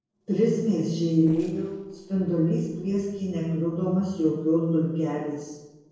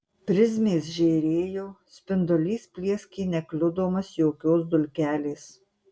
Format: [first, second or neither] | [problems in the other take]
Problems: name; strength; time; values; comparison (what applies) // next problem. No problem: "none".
second | noise reduction (neural separator model SepFormer DNS4)